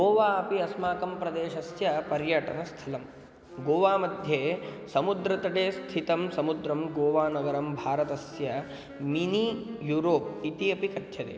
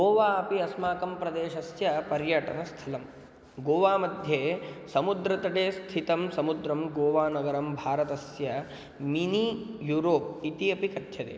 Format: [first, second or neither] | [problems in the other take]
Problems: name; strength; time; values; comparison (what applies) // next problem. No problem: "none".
second | background sound (Wind instrument, woodwind instrument); 17 dB below the speech